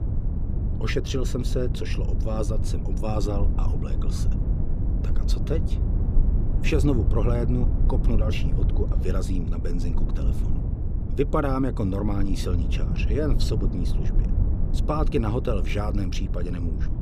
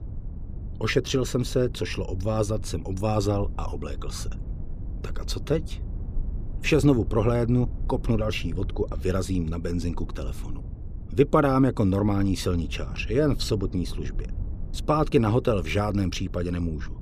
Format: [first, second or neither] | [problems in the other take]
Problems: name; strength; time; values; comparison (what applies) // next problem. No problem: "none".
second | low rumble; loud; throughout; 8 dB below the speech; faint in the second